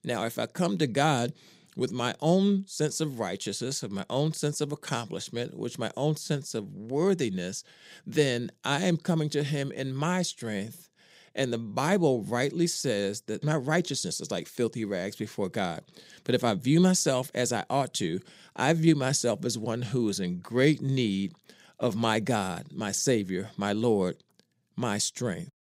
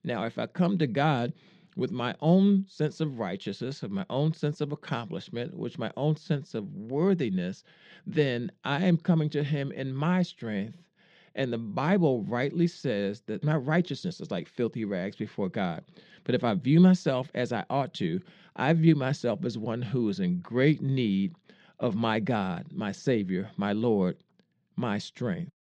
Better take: first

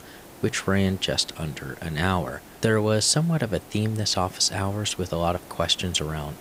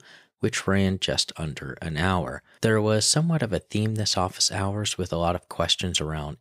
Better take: second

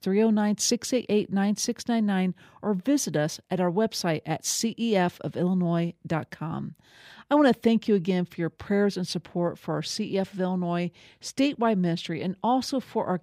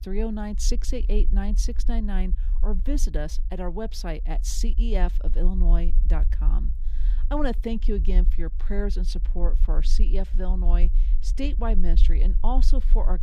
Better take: first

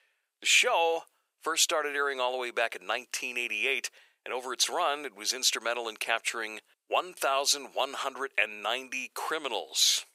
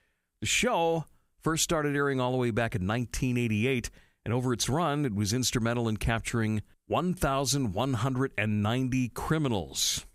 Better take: second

